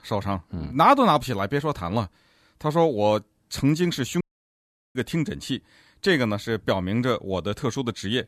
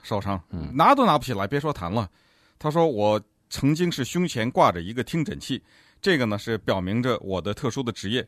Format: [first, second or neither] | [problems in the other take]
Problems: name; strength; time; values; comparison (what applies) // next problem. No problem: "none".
second | audio cutting out; at 4 s for 0.5 s